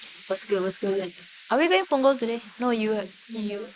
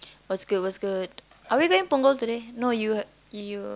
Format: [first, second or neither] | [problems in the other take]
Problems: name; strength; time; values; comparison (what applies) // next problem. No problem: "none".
second | noise reduction (neural mask model Resemble Enhance denoiser)